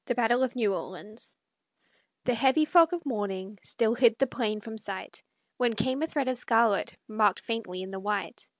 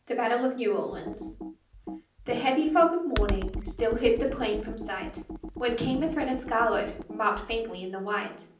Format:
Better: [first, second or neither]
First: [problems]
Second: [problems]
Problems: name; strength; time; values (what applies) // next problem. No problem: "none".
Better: first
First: none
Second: background sound (Computer keyboard); 9 dB below the speech // room echo; dies away in 0.6 s